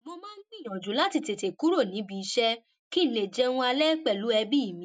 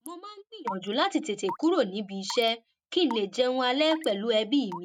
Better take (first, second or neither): first